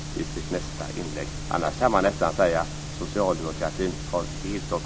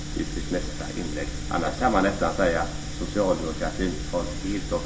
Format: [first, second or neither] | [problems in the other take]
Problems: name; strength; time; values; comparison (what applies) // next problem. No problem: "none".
first | room echo; dies away in 0.6 s